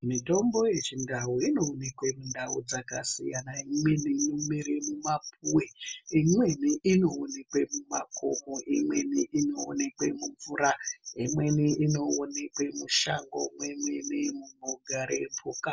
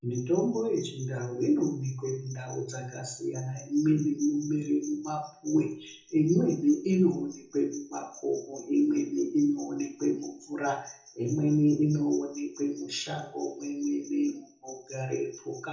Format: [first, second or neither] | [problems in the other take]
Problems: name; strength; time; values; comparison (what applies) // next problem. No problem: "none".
first | room echo; dies away in 0.6 s